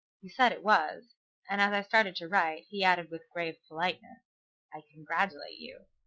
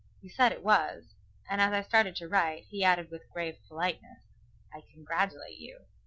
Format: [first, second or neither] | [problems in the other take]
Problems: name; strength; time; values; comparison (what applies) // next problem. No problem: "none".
second | noise reduction (neural mask model Resemble Enhance denoiser)